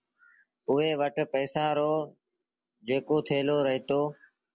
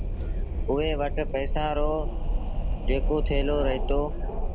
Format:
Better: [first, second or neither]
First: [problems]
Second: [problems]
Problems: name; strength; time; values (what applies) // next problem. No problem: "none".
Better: first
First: none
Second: background sound (Wind); 3 dB above the speech